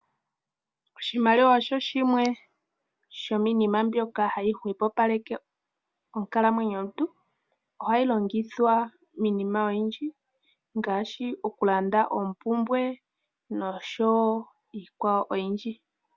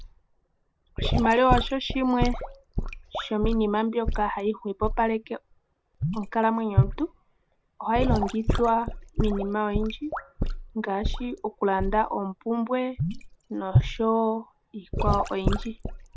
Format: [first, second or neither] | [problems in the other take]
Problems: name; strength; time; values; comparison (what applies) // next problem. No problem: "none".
first | background sound (Sink (filling or washing) / Gurgling / Liquid); 2 dB below the speech